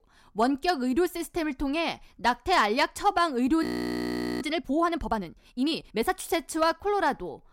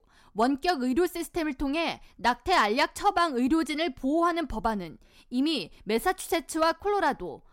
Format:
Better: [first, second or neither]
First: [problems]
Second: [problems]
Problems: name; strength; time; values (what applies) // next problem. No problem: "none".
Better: second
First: audio freezing; at 3.5 s for 1 s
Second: none